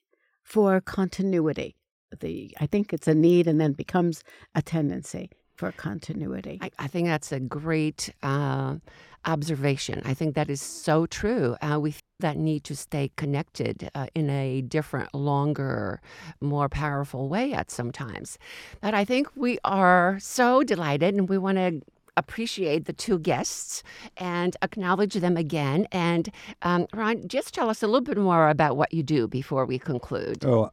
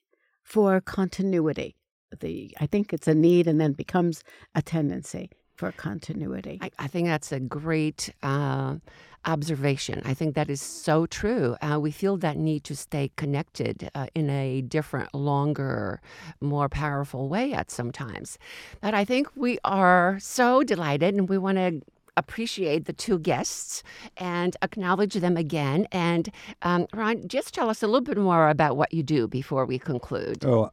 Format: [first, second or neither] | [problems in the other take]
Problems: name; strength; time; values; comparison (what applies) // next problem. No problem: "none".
second | audio cutting out; at 12 s